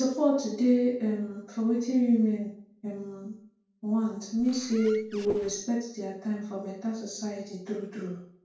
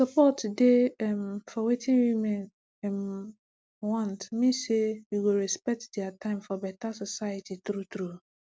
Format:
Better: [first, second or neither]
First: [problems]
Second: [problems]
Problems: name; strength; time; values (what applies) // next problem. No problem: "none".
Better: second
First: noise reduction (neural separator model SepFormer DNS4)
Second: none